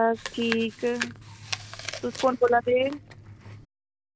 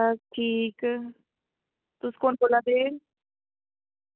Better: second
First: background sound (Chewing, mastication); 11 dB below the speech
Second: none

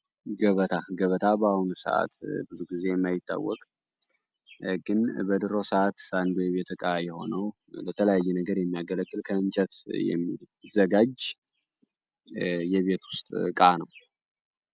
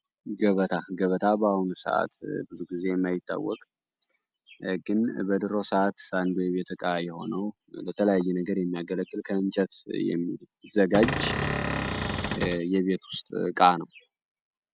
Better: first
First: none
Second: background sound (Cupboard open or close / Door); 1 dB below the speech

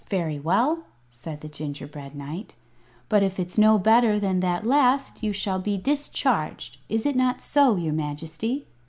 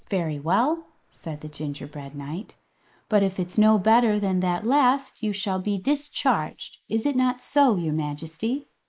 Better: first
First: none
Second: noise reduction (neural mask model Resemble Enhance denoiser)

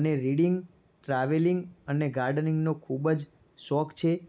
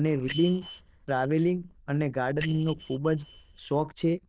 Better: first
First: none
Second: noise reduction (neural diffusion model UNIVERSE++)

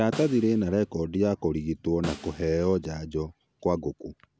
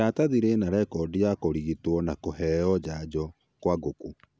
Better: second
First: background sound (Snare drum); 17 dB below the speech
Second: none

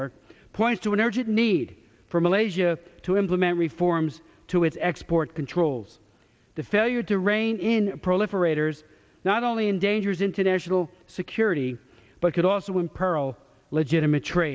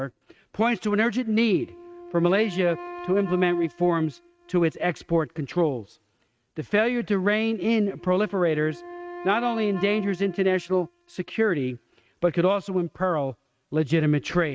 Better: first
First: none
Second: noise reduction (neural mask model RNNoise)

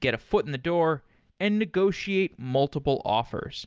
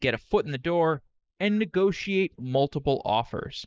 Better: first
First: none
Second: noise reduction (neural mask model Resemble Enhance denoiser)

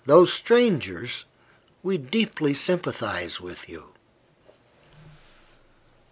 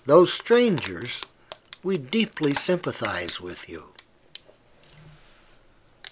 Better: first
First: none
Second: background sound (Crumpling, crinkling); 18 dB below the speech

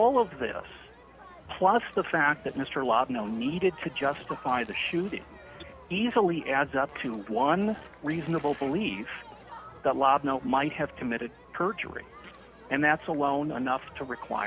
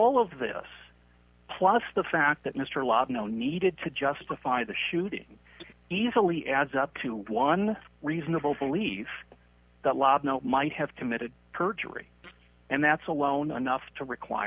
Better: second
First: background sound (Fart + Crowd); 20 dB below the speech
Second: none

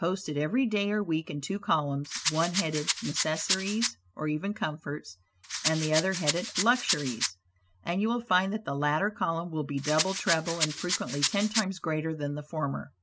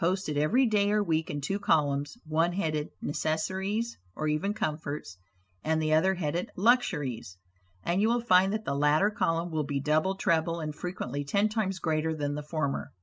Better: second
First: background sound (Rattle); 2 dB below the speech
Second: none

